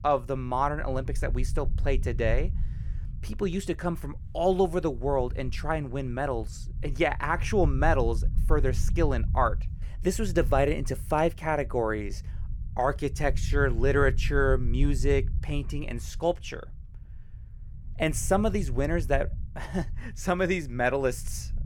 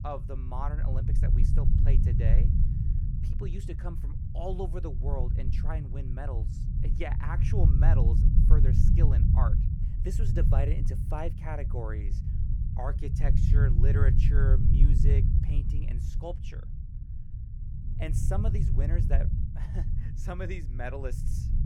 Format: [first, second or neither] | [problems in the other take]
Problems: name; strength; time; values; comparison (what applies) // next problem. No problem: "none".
first | low rumble; loud; throughout; 3 dB below the speech; faint in the first